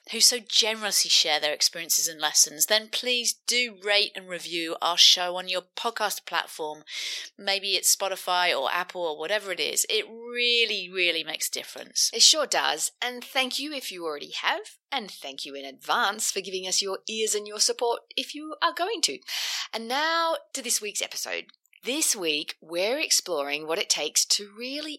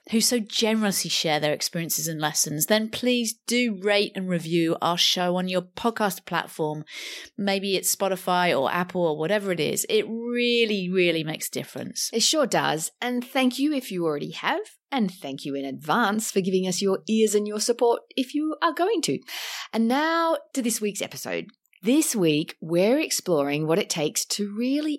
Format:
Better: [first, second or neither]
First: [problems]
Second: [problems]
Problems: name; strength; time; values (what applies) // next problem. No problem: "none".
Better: second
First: thin; somewhat; fading below 550 Hz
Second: none